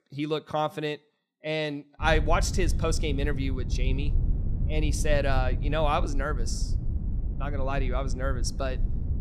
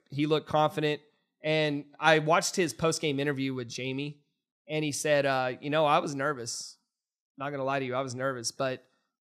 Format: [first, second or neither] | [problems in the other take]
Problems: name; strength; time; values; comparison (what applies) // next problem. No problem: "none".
second | low rumble; noticeable; from 2 s on; 15 dB below the speech